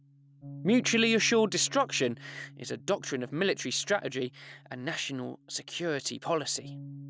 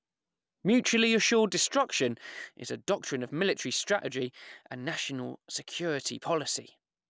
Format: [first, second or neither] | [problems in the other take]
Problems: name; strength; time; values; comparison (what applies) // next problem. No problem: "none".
second | background sound (Bass guitar); 18 dB below the speech